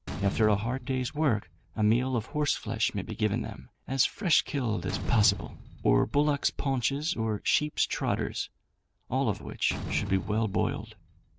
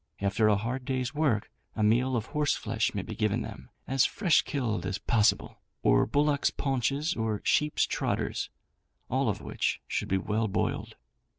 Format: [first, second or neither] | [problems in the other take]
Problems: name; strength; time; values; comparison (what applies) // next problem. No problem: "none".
second | background sound (Slam); 13 dB below the speech